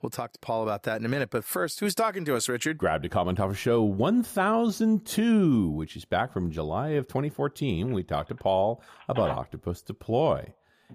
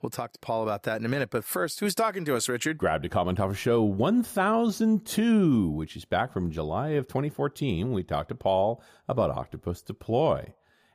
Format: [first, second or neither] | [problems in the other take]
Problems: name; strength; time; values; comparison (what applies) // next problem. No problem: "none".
second | phone ringing; faint; from 8 s on; peak 10 dB below the speech